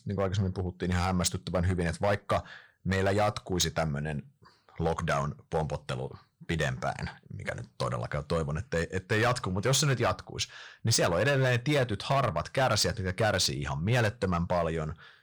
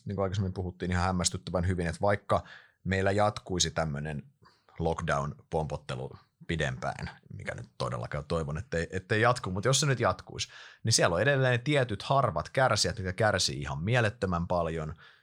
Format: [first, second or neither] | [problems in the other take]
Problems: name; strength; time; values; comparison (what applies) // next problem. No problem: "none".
second | distortion; slight; 6% of the sound clipped